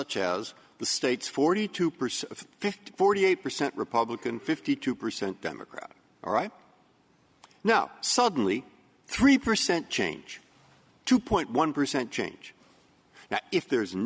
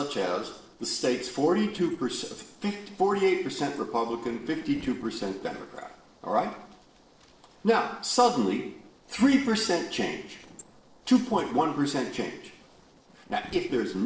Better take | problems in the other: first | noise reduction (neural separator model SepFormer DNS4)

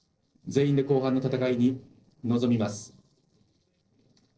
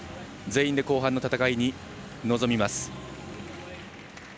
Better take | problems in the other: second | noise reduction (neural separator model SepFormer DNS4)

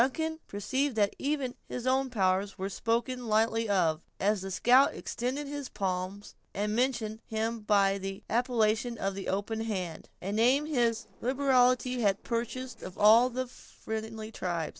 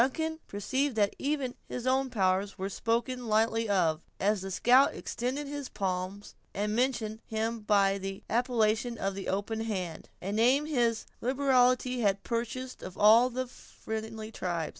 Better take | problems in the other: second | noise reduction (neural separator model SepFormer DNS4)

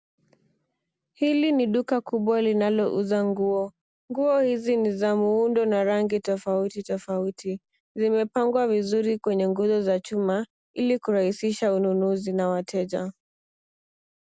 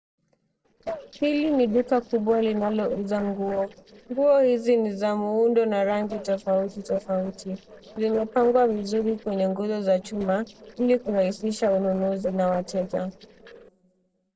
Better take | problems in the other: first | noise reduction (neural separator model SepFormer DNS4)

